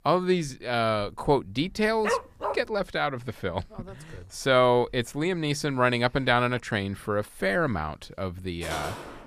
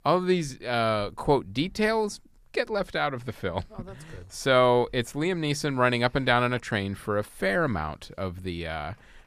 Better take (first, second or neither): second